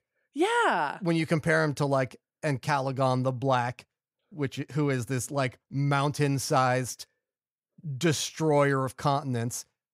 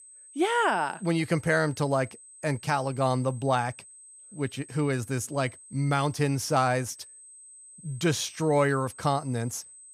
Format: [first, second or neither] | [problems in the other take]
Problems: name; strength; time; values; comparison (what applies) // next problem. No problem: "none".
first | high-pitched whine; noticeable; throughout; 8 kHz, 20 dB below the speech